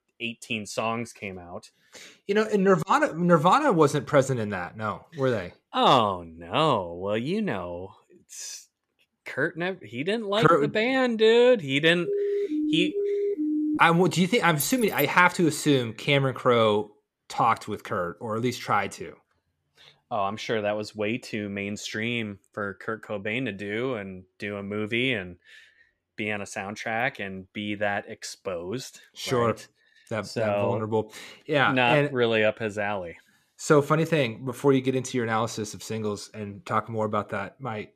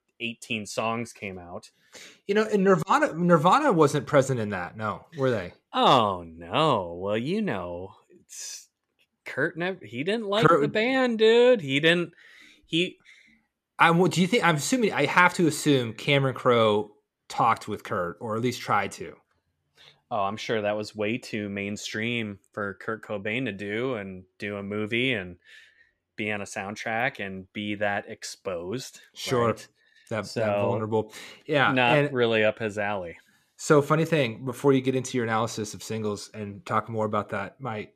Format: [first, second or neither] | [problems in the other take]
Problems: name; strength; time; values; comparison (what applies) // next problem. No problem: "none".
second | siren; noticeable; from 12 to 14 s; peak 1 dB below the speech // jangling keys; noticeable; at 15 s; peak 7 dB below the speech